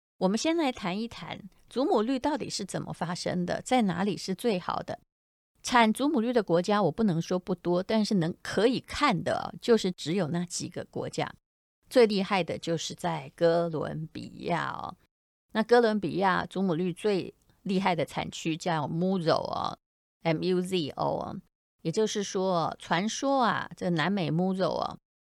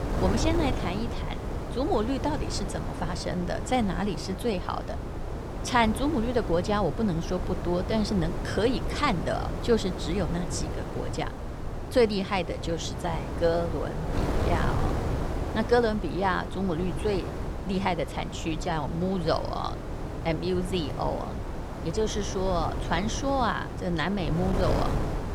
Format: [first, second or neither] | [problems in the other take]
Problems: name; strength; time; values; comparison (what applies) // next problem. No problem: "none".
first | wind noise on the microphone; heavy; 8 dB below the speech